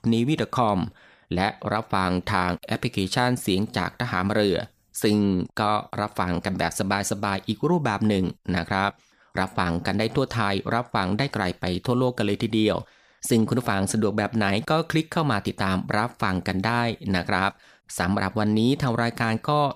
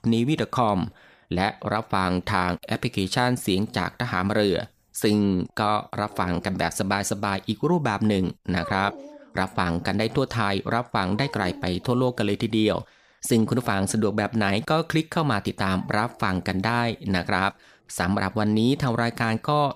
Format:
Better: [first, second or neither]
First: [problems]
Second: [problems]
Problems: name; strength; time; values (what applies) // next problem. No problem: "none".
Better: first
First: none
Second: animal sounds; faint; throughout; 20 dB below the speech